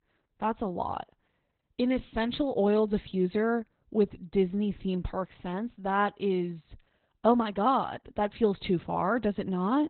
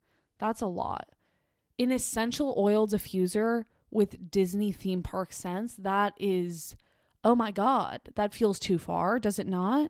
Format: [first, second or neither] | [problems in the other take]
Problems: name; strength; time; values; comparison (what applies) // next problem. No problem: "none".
second | garbled, watery; badly; nothing above 4 kHz; slightly in the second